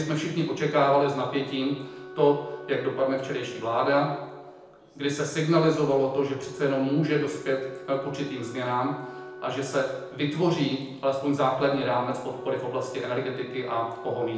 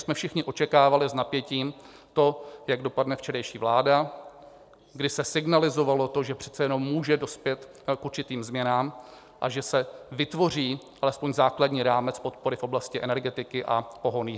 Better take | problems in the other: second | background sound (Wind instrument, woodwind instrument); 17 dB below the speech // room echo; dies away in 0.9 s

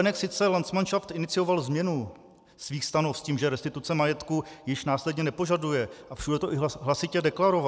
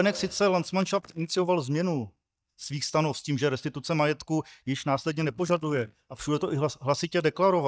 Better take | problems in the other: first | noise reduction (neural mask model DeepFilterNet 3)

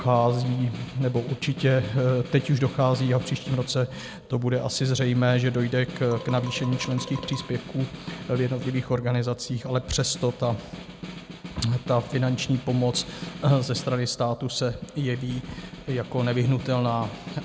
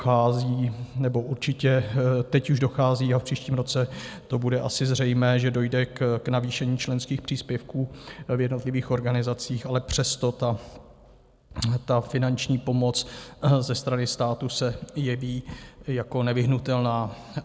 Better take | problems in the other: second | background sound (Marimba, xylophone + Snare drum); 14 dB below the speech

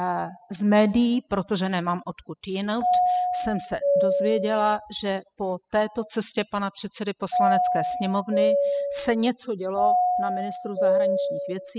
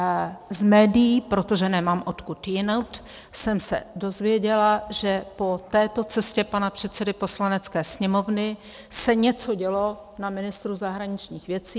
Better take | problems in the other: second | noise reduction (classical method spectral subtraction)

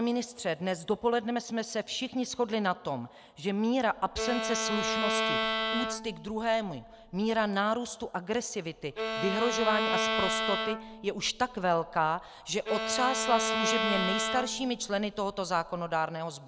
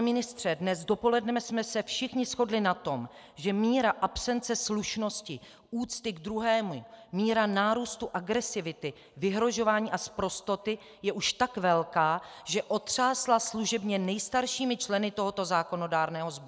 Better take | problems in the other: second | background sound (Bowed string instrument); 2 dB below the speech

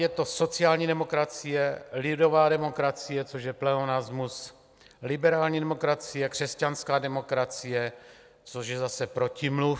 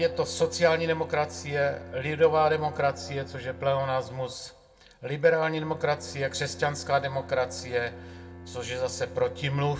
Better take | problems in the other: first | background sound (Bowed string instrument); 17 dB below the speech // room echo; dies away in 0.2 s

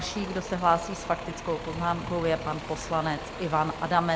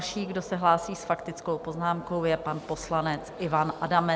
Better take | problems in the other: second | background sound (Bus); 11 dB below the speech

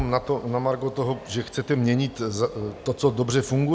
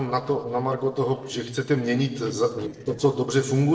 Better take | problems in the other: first | noise reduction (neural separator model SepFormer DNS4)

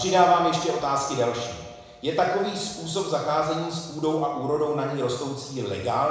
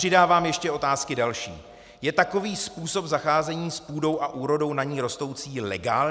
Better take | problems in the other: second | room echo; dies away in 1 s

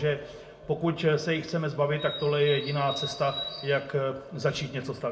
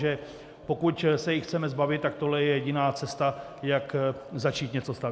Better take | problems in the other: second | background sound (Bird); 10 dB below the speech // room echo; dies away in 0.5 s

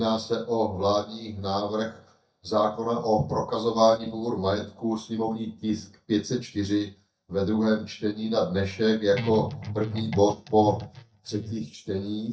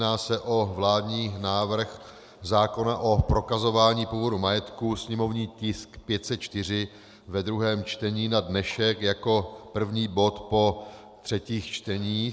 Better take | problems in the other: second | noise reduction (neural mask model DeepFilterNet 3)

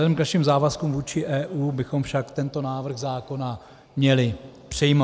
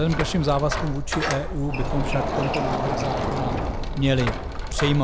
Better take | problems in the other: first | background sound (Door); 1 dB below the speech

